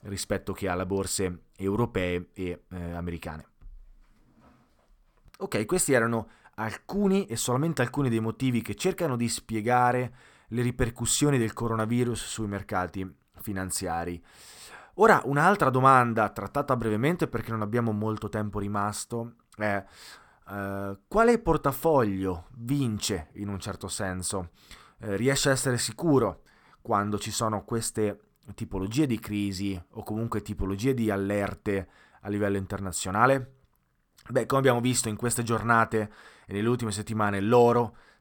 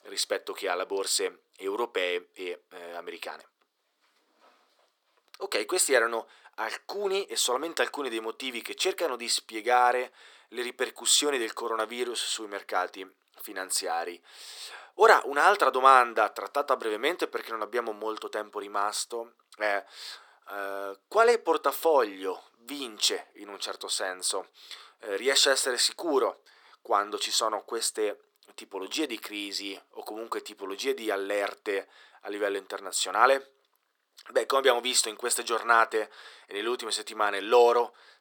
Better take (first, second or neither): first